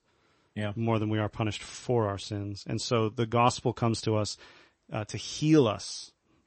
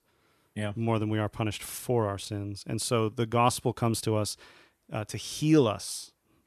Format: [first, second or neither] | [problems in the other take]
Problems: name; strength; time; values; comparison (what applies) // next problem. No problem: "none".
second | garbled, watery; slightly; nothing above 8 kHz